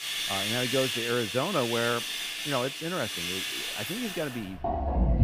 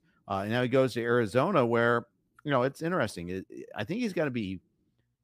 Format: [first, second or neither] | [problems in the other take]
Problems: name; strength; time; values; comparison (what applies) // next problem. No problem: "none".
second | household noises; very loud; throughout; 1 dB above the speech